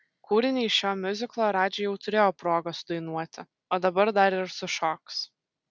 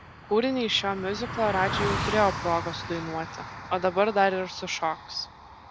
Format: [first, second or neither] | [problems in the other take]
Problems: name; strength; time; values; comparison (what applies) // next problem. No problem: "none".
first | background sound (Car passing by); 8 dB below the speech